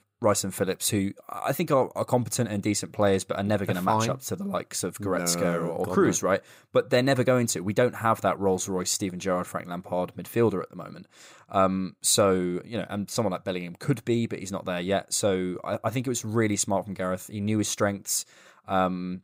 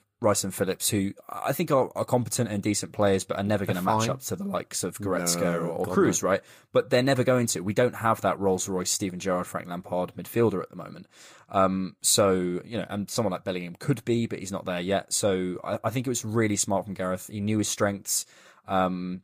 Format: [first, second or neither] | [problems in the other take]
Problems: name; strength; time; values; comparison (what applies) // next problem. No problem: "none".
first | garbled, watery; slightly; nothing above 15.5 kHz